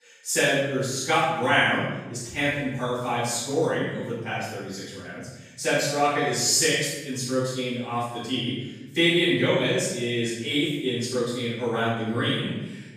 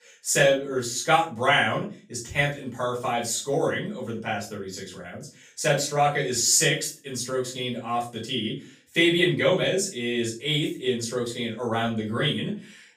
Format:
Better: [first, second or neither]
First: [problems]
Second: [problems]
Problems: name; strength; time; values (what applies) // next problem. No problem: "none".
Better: second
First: room echo; strong; dies away in 1.1 s // off-mic speech; far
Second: room echo; slight; dies away in 0.3 s // off-mic speech; far